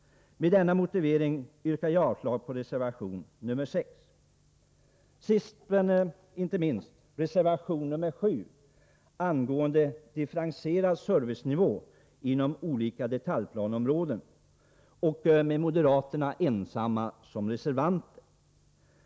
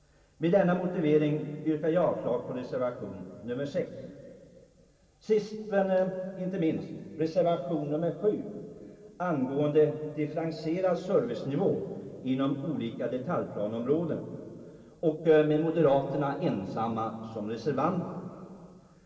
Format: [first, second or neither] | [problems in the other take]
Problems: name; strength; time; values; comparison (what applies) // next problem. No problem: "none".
first | room echo; dies away in 2.7 s